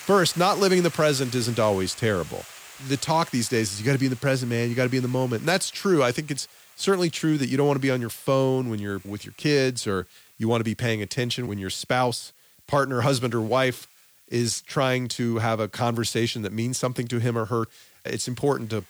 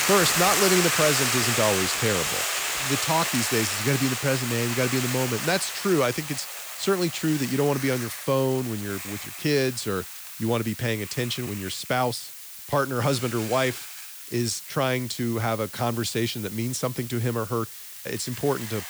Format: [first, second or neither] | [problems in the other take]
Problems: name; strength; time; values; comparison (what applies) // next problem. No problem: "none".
first | hiss; loud; throughout; 2 dB below the speech; faint in the first